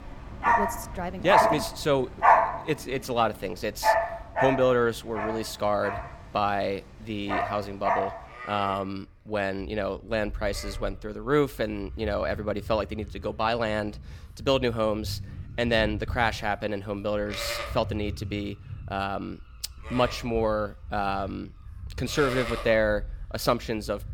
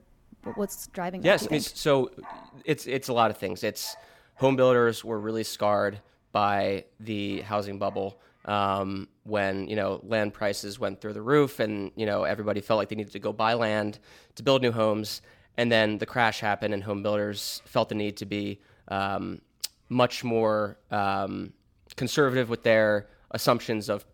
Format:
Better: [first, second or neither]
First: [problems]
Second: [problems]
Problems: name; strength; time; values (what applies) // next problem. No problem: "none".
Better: second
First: animal sounds; loud; throughout; 2 dB below the speech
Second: animal sounds; faint; throughout; 30 dB below the speech